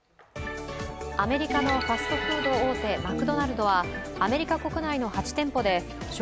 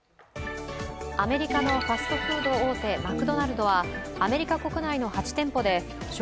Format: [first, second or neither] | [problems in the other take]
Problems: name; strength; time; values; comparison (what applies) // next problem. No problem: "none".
second | background sound (Bowed string instrument); 14 dB below the speech